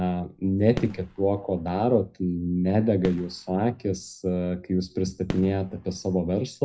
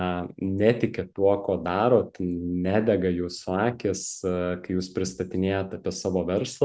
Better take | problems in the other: second | noise reduction (classical method WPE with log-MMSE)

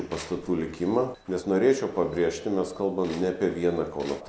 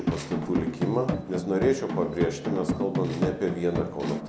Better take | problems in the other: first | background sound (Drum); 2 dB below the speech

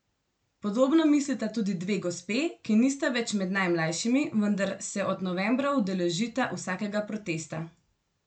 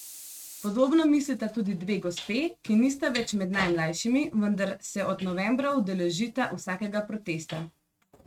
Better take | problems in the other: first | noise reduction (neural mask model RNNoise)

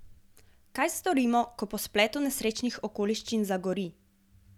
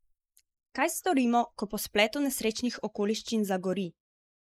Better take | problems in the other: first | noise reduction (neural mask model Resemble Enhance denoiser)

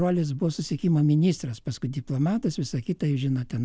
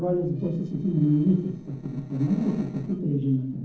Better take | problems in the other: first | noise reduction (neural separator model SepFormer DNS4)

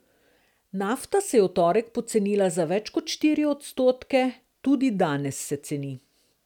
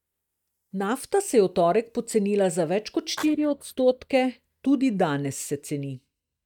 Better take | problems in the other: first | noise reduction (neural mask model DeepFilterNet 3)

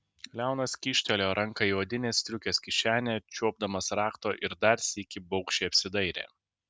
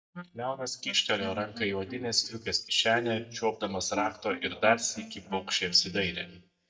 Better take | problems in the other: first | noise reduction (neural mask model DeepFilterNet 3)

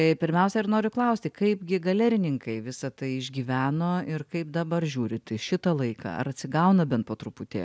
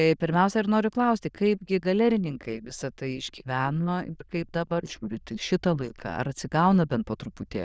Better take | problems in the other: first | noise reduction (neural diffusion model UNIVERSE++)

